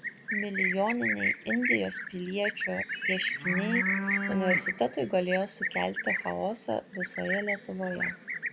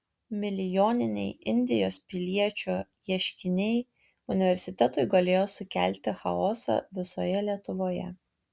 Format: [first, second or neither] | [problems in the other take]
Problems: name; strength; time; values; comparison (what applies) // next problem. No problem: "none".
second | background sound (Livestock, farm animals, working animals); as loud as the speech